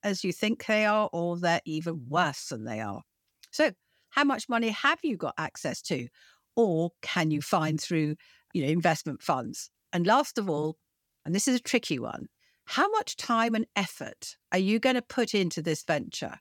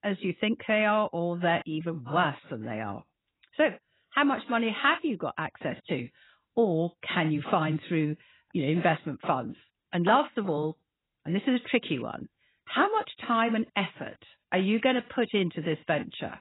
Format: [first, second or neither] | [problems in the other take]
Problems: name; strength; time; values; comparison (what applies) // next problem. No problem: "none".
first | garbled, watery; badly; nothing above 3.5 kHz